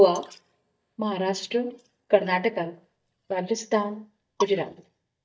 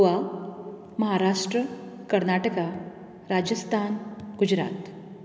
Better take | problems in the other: second | noise reduction (neural mask model DeepFilterNet 3)

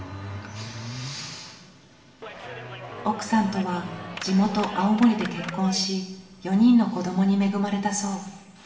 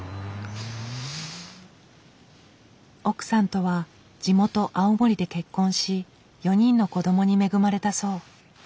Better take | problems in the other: second | background sound (Clapping); 12 dB below the speech // room echo; dies away in 1.2 s

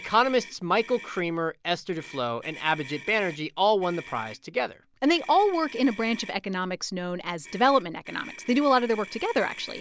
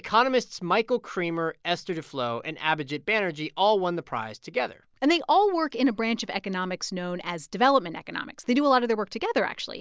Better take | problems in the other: second | background sound (Motor vehicle (road)); 19 dB below the speech

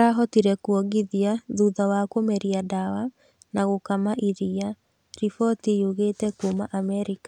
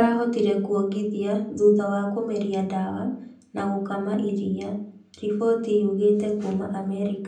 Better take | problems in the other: first | room echo; dies away in 0.6 s

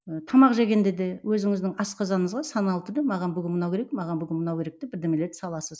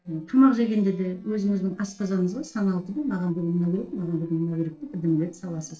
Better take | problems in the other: first | noise reduction (neural separator model SepFormer DNS4)

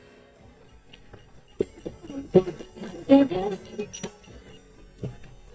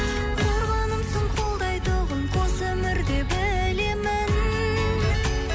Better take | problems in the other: second | noise reduction (neural mask model DeepFilterNet 3)

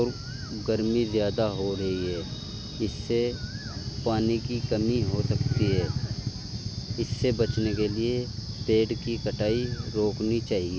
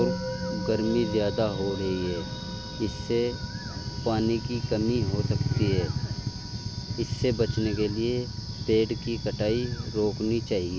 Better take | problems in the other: first | background sound (Musical instrument); 13 dB below the speech

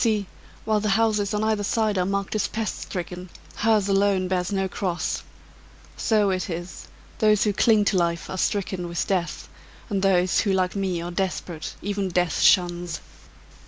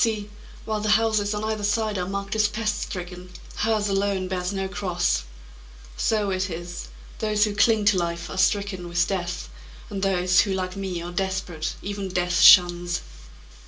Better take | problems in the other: first | room echo; dies away in 0.2 s

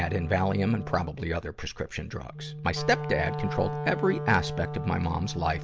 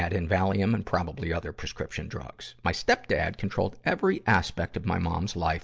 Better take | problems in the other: second | background sound (Wind instrument, woodwind instrument); 7 dB below the speech

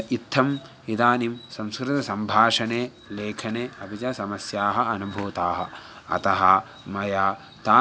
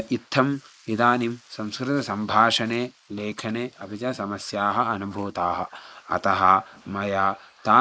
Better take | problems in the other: first | noise reduction (neural mask model Resemble Enhance denoiser)

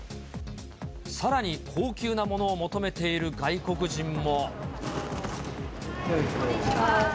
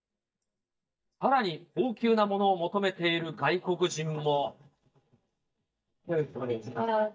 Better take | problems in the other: first | noise reduction (neural mask model DeepFilterNet 3)

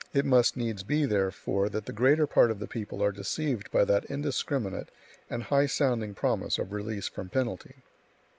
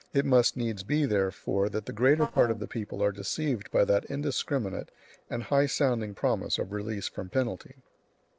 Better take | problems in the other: first | noise reduction (neural separator model SepFormer DNS4)

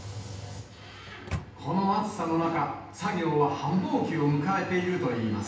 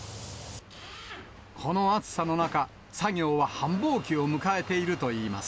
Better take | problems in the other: second | background sound (Microwave oven); 10 dB below the speech // room echo; dies away in 0.9 s

